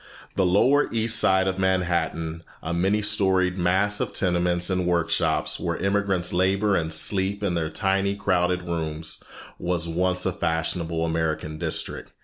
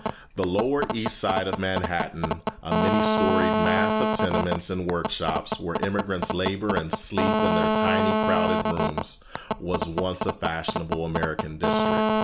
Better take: first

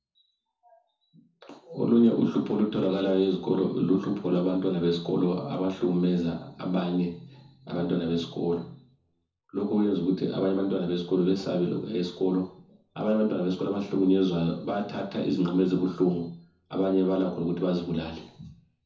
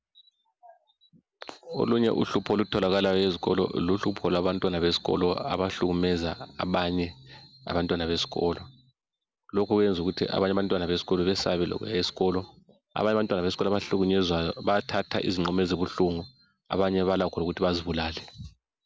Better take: second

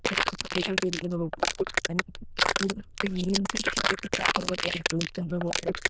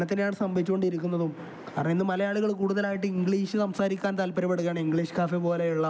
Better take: second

